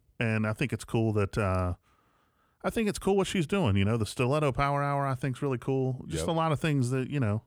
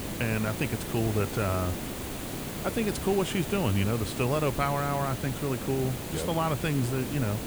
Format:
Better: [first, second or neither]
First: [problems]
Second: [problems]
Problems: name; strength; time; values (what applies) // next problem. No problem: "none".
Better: first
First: none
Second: hiss; loud; throughout; 6 dB below the speech